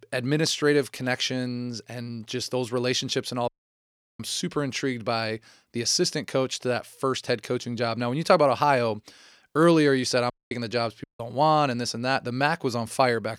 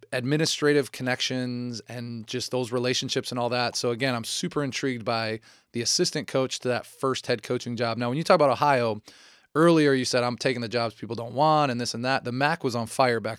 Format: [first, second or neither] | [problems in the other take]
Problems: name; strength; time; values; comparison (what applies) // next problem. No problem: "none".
second | audio cutting out; at 3.5 s for 0.5 s, at 10 s and at 11 s